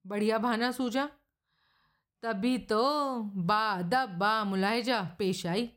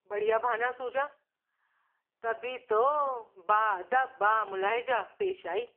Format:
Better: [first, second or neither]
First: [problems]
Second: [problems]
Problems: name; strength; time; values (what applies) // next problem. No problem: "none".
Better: first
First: none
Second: phone-call audio; poor line; nothing above 3 kHz